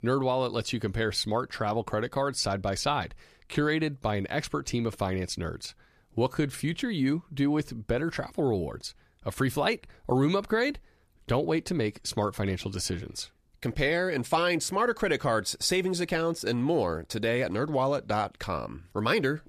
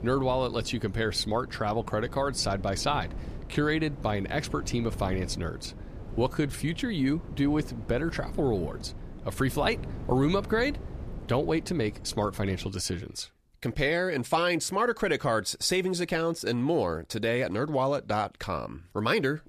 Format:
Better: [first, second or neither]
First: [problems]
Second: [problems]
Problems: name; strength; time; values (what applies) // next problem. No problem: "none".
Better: first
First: none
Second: wind noise on the microphone; occasional gusts; until 13 s; 20 dB below the speech